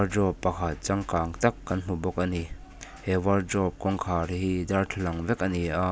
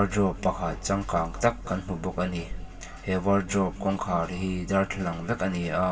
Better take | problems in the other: first | room echo; dies away in 2.1 s

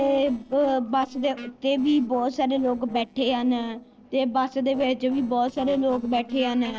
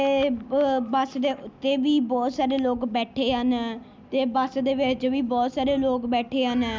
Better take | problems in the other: second | noise reduction (neural separator model SepFormer DNS4)

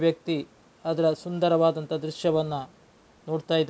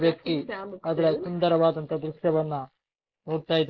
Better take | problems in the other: first | noise reduction (neural mask model Resemble Enhance denoiser)

